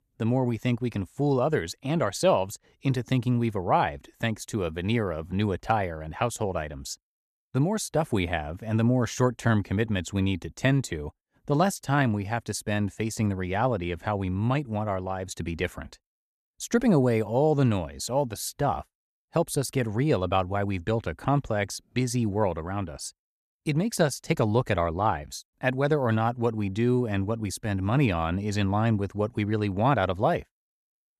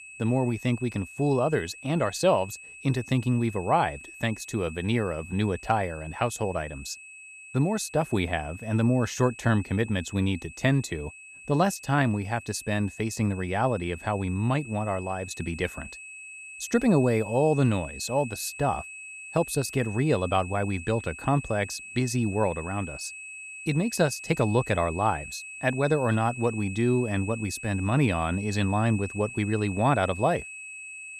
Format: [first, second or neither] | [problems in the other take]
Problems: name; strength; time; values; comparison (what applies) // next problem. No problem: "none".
first | high-pitched whine; noticeable; throughout; 2.5 kHz, 15 dB below the speech